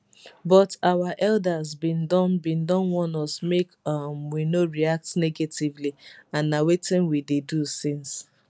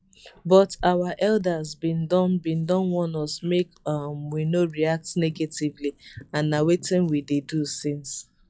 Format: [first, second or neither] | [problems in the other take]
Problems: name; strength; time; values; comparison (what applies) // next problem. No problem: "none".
first | noise reduction (classical method log-MMSE)